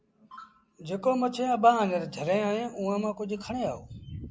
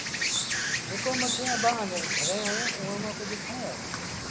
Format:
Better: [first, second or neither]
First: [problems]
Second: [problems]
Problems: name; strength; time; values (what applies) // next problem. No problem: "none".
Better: first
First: none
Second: background sound (Insect); 3 dB above the speech